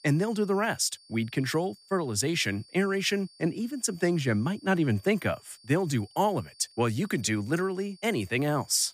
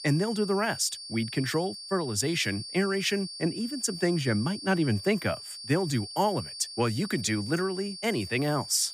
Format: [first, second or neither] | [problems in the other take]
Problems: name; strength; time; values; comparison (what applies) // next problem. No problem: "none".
first | high-pitched whine; loud; throughout; 4.5 kHz, 10 dB below the speech; faint in the first